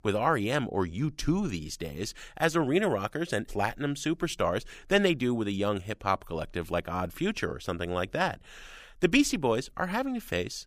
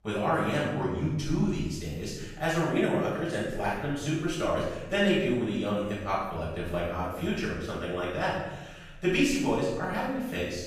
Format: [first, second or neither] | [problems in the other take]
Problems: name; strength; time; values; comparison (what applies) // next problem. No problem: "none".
first | off-mic speech; far // room echo; strong; dies away in 1 s